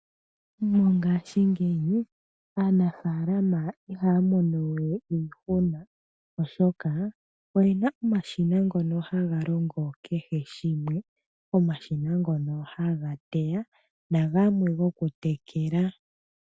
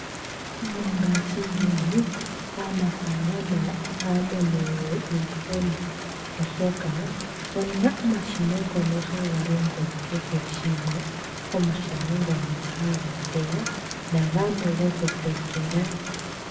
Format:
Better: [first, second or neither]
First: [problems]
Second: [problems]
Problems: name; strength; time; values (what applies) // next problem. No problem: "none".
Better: first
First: none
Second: background sound (Rain); 8 dB below the speech // room echo; dies away in 1.4 s